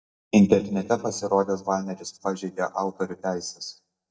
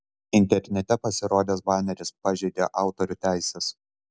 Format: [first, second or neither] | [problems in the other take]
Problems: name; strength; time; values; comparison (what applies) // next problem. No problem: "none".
second | noise reduction (neural mask model DeepFilterNet 3)